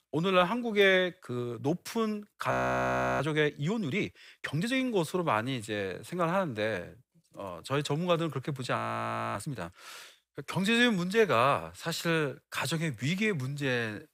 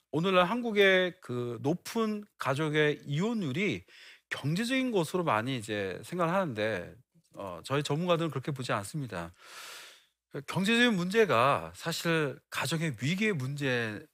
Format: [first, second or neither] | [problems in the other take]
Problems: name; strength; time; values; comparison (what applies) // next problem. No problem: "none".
second | audio freezing; at 2.5 s for 0.5 s and at 9 s for 0.5 s